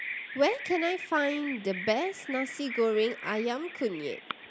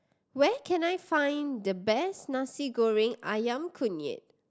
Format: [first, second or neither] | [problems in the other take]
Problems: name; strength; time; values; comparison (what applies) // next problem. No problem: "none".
second | background sound (Bird vocalization, bird call, bird song); 10 dB below the speech